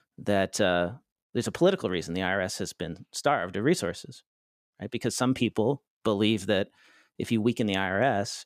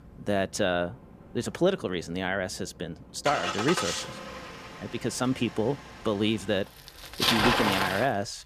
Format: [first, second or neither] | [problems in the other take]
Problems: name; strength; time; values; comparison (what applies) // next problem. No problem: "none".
first | traffic noise; very loud; throughout; 1 dB above the speech